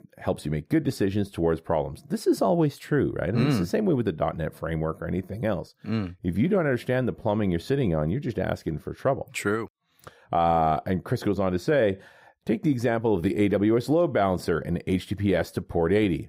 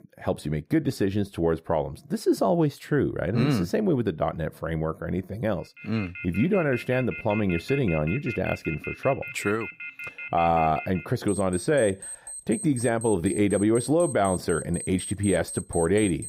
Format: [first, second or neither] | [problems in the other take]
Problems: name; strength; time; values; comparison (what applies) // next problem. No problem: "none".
first | alarms or sirens; noticeable; from 6 s on; 10 dB below the speech